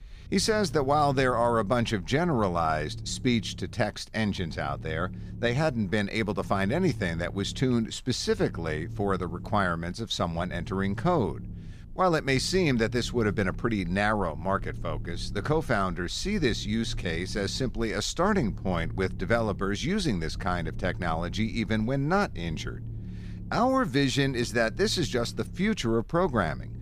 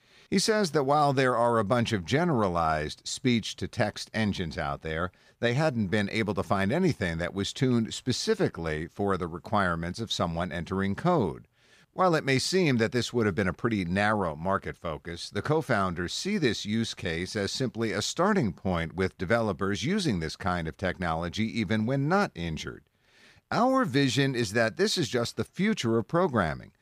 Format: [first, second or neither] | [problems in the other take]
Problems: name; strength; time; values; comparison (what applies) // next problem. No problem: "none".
second | low rumble; faint; throughout; 25 dB below the speech